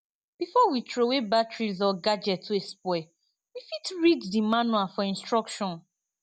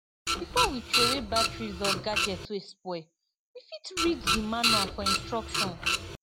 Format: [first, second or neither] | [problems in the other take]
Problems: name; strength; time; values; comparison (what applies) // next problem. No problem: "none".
first | background sound (Printer); 5 dB above the speech